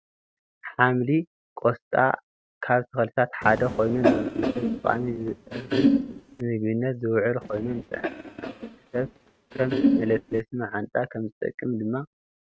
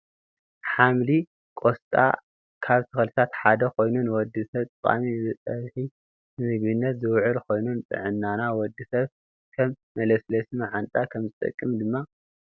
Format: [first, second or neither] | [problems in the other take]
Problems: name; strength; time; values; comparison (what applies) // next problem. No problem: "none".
second | noise reduction (neural mask model RNNoise)